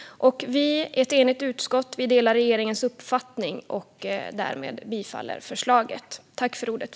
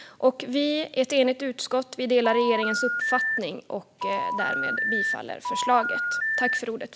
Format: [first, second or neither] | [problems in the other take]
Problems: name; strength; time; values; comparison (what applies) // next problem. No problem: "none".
first | background sound (Telephone); 1 dB below the speech